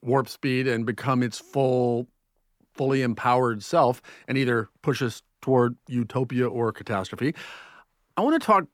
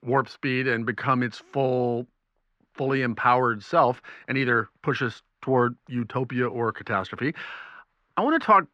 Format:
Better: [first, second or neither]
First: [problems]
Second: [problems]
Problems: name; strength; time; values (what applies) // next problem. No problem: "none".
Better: first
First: none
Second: muffled; very slightly; fading above 3.5 kHz